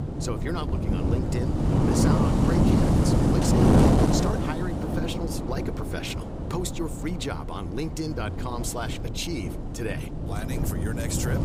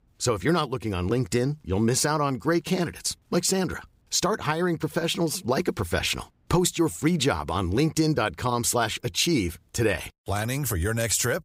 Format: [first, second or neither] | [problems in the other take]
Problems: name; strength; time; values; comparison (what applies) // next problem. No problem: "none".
second | wind noise on the microphone; heavy; 4 dB above the speech